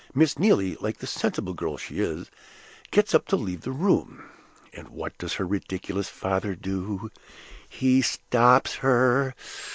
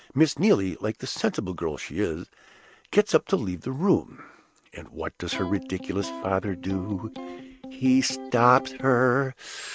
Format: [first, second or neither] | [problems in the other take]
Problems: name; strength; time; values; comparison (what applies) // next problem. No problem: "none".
first | noise reduction (neural mask model RNNoise)